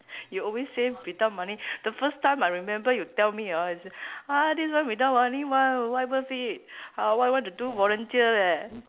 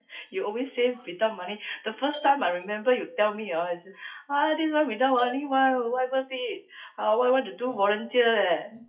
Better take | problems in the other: first | noise reduction (classical method WPE with log-MMSE)

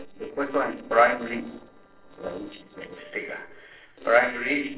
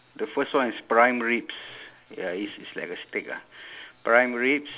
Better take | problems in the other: second | noise reduction (neural separator model SepFormer DNS4)

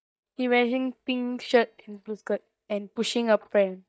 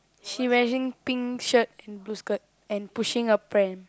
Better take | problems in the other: second | noise reduction (neural mask model DeepFilterNet 3)

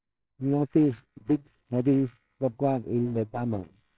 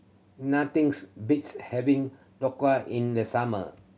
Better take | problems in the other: second | noise reduction (neural separator model SepFormer WHAMR!)

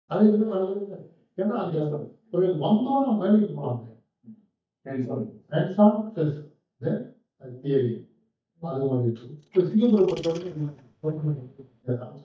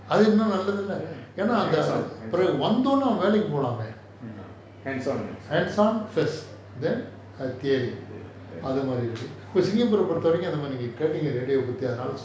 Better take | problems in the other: second | noise reduction (neural mask model DeepFilterNet 3)

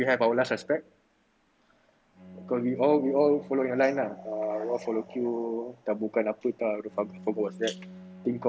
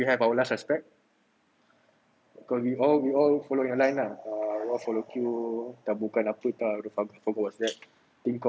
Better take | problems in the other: second | background sound (Bowed string instrument); 20 dB below the speech

